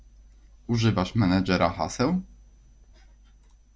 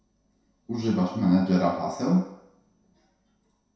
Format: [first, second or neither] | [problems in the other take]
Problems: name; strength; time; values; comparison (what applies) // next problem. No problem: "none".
first | room echo; dies away in 0.7 s